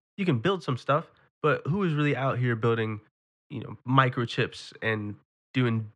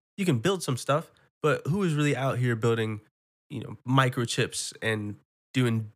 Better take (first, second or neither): second